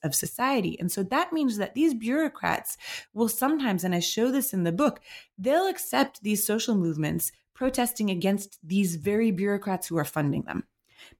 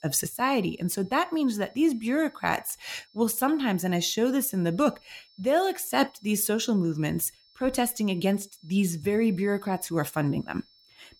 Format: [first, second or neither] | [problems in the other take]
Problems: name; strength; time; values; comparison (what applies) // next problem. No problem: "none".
first | high-pitched whine; faint; throughout; 5.5 kHz, 30 dB below the speech